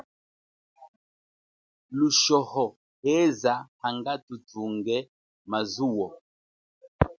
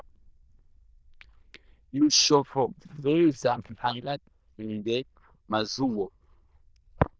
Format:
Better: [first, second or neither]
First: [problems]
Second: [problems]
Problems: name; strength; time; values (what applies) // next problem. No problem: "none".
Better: first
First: none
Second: noise reduction (neural diffusion model UNIVERSE++)